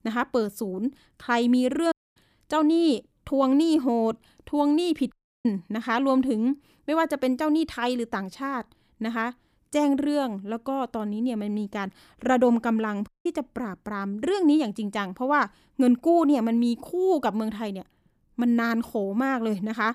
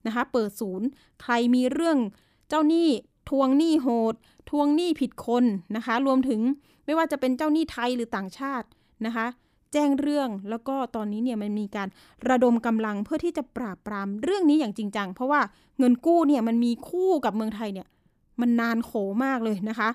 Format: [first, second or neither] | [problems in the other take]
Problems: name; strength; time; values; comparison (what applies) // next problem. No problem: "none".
second | audio cutting out; at 2 s, at 5 s and at 13 s